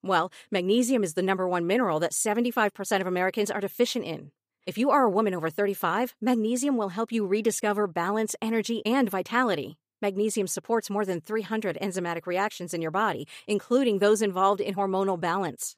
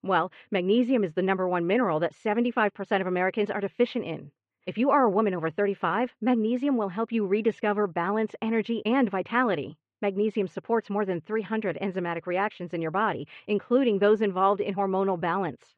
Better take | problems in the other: first | muffled; very; fading above 2.5 kHz

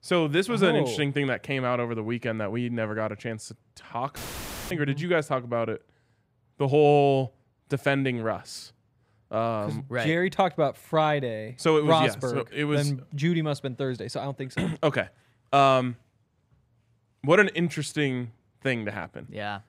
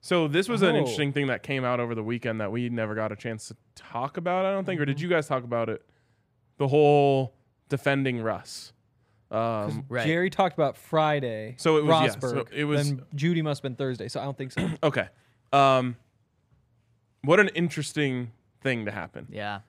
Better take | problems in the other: second | audio cutting out; filled with static; at 4 s for 0.5 s

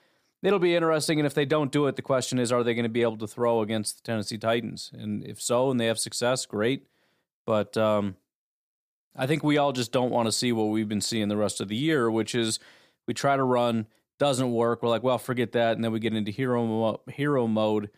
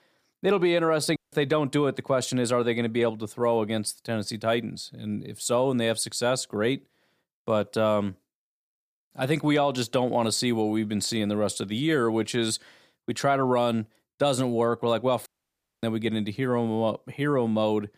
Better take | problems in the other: first | audio cutting out; at 1 s and at 15 s for 0.5 s

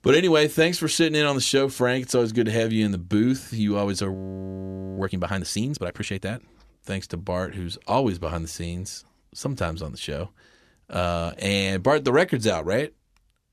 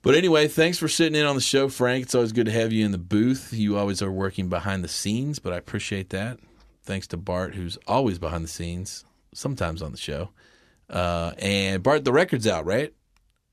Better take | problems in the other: second | audio freezing; at 4 s for 1 s

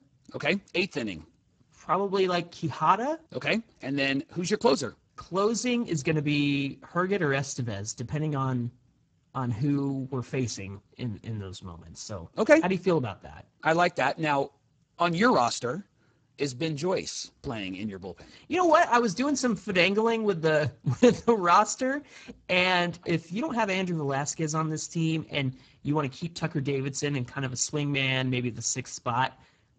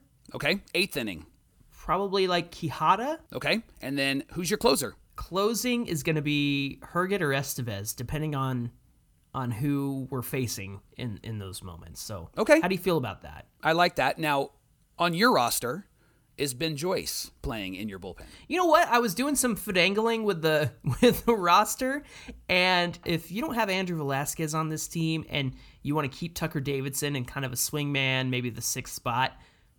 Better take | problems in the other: second | garbled, watery; badly; nothing above 7.5 kHz

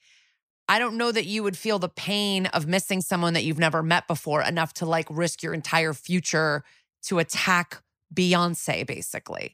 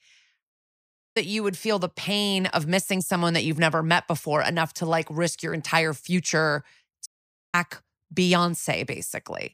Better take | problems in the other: first | audio cutting out; at 0.5 s for 0.5 s and at 7 s

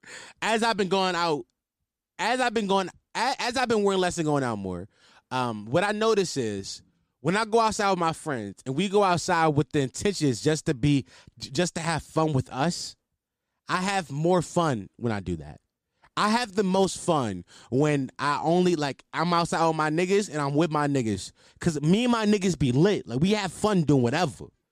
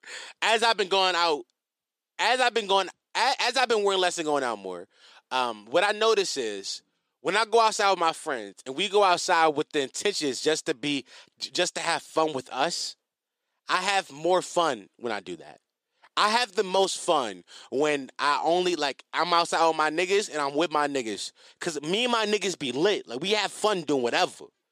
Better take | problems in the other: first | thin; somewhat; fading below 450 Hz

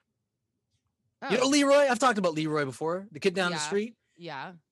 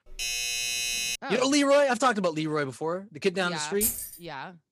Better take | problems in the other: first | doorbell; noticeable; until 1 s; peak 1 dB below the speech // jangling keys; noticeable; at 4 s; peak 1 dB below the speech

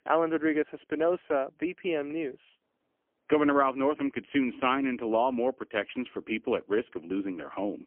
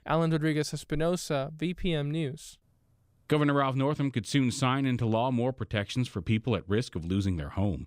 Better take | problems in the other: second | phone-call audio; poor line; nothing above 3 kHz

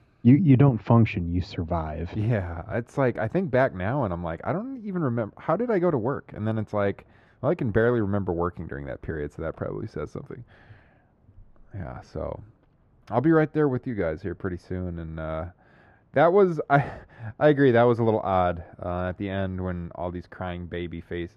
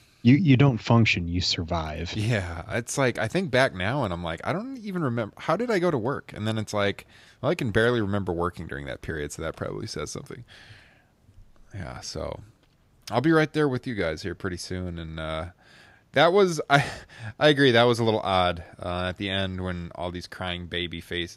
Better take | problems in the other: second | muffled; very; fading above 2.5 kHz

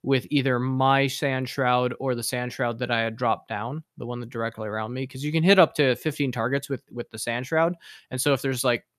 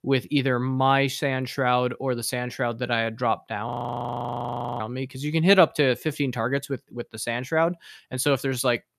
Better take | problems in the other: first | audio freezing; at 3.5 s for 1 s

